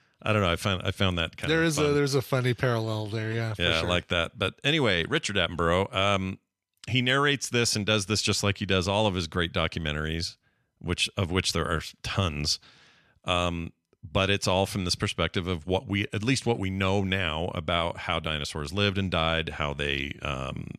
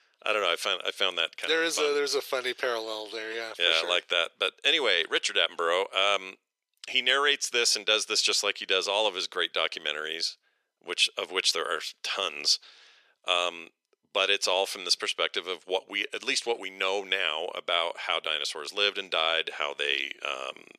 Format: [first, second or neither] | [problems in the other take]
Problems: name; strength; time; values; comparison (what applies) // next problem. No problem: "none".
first | thin; very; fading below 400 Hz